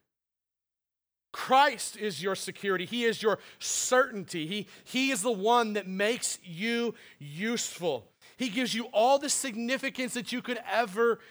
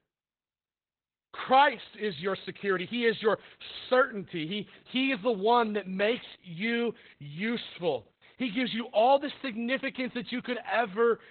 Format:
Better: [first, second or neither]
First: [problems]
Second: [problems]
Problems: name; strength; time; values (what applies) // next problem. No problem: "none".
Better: first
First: none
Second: garbled, watery; badly; nothing above 4 kHz